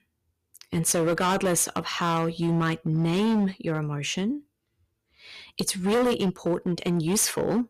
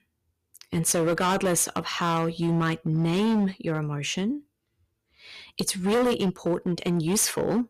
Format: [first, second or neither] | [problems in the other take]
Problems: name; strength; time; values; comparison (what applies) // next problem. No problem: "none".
neither | distortion; heavy; 12% of the sound clipped; the same in both